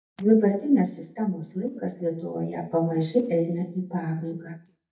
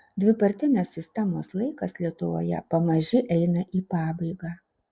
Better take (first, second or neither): second